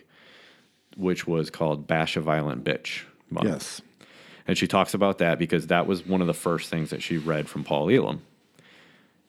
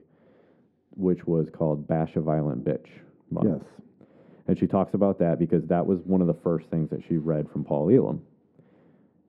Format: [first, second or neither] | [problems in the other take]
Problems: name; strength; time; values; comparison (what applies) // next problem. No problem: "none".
first | muffled; very; fading above 1.5 kHz